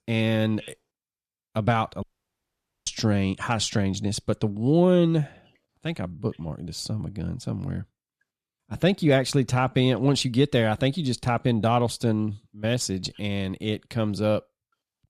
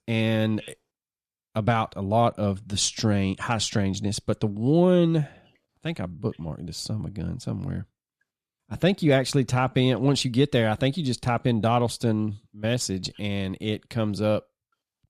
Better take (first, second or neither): second